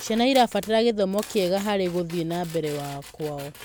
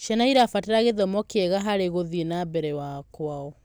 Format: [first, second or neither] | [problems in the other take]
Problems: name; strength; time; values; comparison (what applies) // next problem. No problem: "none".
second | background sound (Tools); 19 dB below the speech